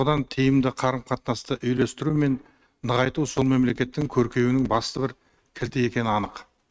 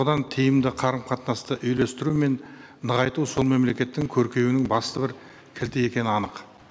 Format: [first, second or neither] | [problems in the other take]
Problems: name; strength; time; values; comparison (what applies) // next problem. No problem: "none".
second | noise reduction (neural mask model RNNoise)